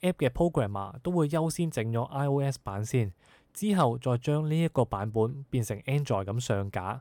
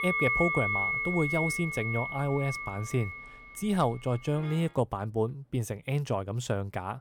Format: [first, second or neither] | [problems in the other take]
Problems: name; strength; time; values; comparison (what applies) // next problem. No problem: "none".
first | background music; very loud; until 4.5 s; 1 dB above the speech